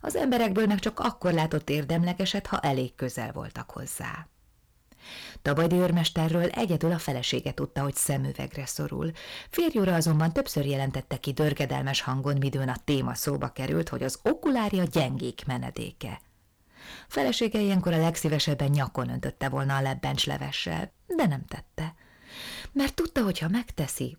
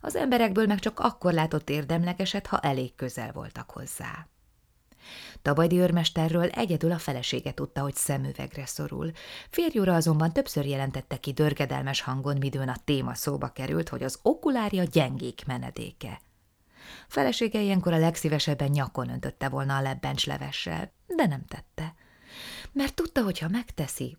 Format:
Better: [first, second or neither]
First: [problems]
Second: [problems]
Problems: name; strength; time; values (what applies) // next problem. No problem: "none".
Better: second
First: distortion; slight; 4% of the sound clipped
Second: none